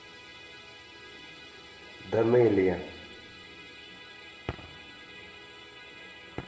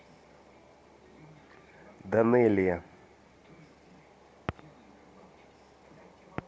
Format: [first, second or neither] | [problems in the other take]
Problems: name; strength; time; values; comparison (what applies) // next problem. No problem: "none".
second | background sound (Musical instrument); 16 dB below the speech // room echo; dies away in 0.8 s